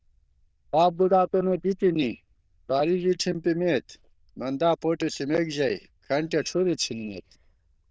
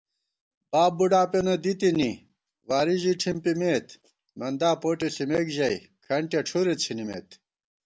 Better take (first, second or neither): second